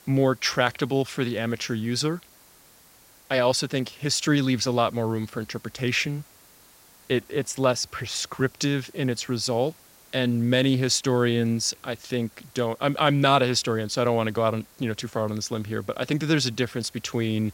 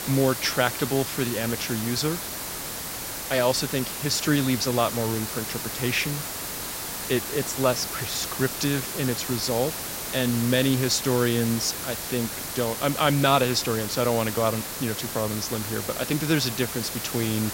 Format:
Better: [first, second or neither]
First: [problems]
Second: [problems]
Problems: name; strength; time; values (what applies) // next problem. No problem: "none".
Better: first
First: hiss; faint; throughout; 25 dB below the speech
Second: hiss; loud; throughout; 5 dB below the speech